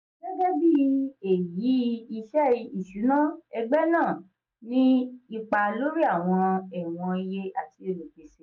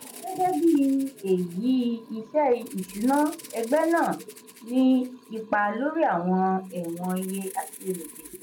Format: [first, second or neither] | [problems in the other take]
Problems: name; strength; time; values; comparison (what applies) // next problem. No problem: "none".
first | background sound (Liquid + Rattle (instrument)); 20 dB below the speech